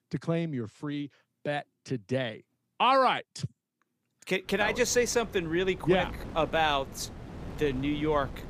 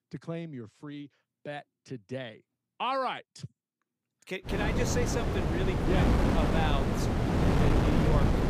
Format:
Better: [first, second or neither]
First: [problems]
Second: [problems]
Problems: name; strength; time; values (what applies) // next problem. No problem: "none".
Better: first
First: wind noise on the microphone; occasional gusts; from 4.5 s on; 20 dB below the speech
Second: wind noise on the microphone; heavy; from 4.5 s on; 2 dB above the speech